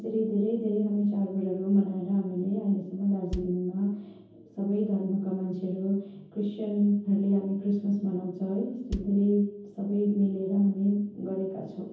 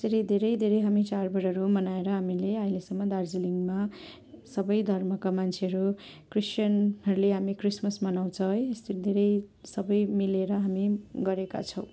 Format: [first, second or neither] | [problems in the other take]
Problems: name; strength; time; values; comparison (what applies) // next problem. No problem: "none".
second | background sound (Bass drum); 14 dB below the speech // room echo; dies away in 0.9 s